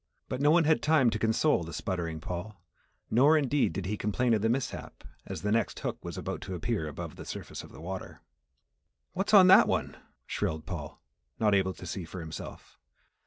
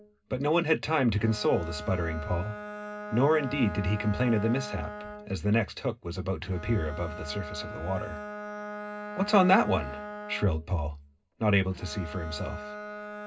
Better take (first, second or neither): first